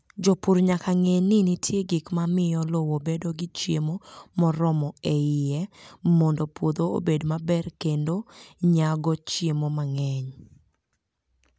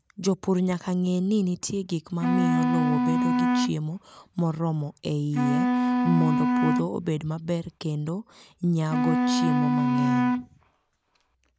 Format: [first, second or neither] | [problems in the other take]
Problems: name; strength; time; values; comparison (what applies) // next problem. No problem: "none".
first | background sound (Wind instrument, woodwind instrument); 2 dB above the speech